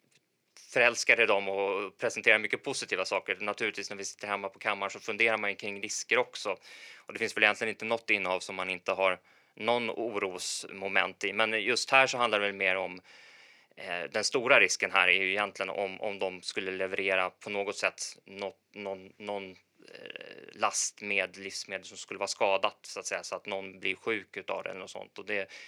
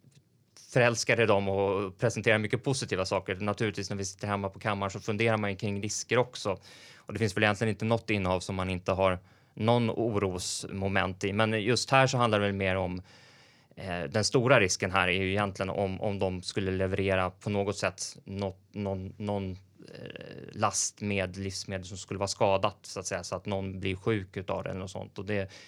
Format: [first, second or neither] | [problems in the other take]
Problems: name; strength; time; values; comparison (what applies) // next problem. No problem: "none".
second | thin; somewhat; fading below 350 Hz